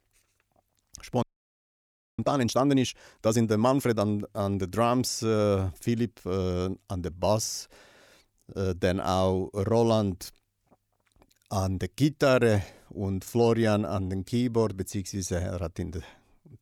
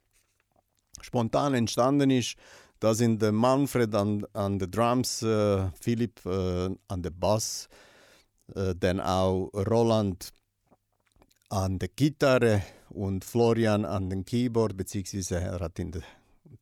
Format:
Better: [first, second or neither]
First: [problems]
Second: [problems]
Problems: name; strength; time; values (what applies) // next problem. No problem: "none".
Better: second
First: audio freezing; at 1 s for 1 s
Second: none